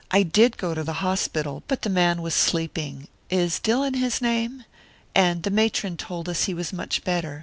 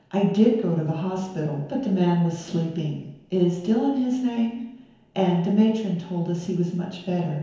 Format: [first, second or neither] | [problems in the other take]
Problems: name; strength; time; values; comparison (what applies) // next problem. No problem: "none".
first | room echo; dies away in 1 s